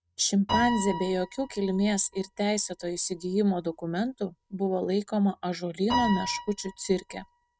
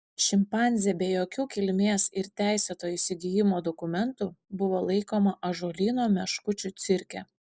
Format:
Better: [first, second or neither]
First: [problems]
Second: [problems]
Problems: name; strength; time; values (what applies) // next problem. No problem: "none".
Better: second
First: noise reduction (neural mask model RNNoise)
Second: none